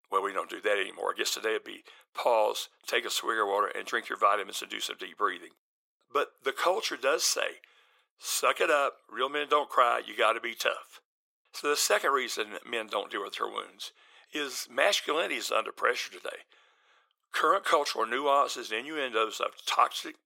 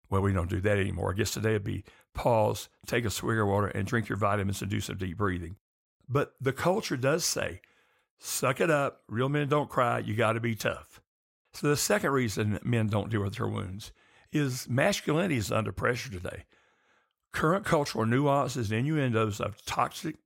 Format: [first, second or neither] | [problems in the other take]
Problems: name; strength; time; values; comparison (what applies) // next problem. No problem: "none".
second | thin; very; fading below 400 Hz